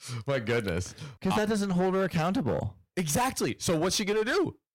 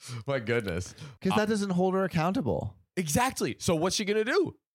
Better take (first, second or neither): second